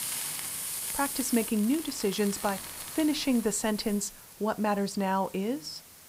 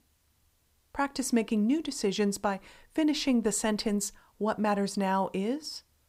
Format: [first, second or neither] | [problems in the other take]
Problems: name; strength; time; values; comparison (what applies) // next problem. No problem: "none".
second | hiss; loud; throughout; 5 dB below the speech